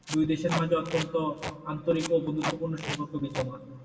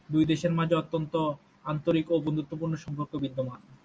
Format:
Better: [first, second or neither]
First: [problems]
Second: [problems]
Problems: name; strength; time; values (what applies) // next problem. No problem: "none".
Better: second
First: background sound (Packing tape, duct tape); 9 dB below the speech // room echo; dies away in 1.8 s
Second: none